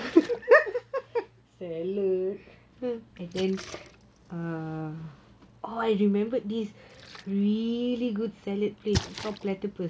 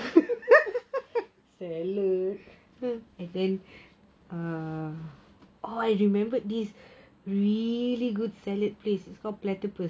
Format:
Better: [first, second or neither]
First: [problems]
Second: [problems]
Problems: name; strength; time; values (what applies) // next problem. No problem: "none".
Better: second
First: background sound (Splash, splatter); 16 dB below the speech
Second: none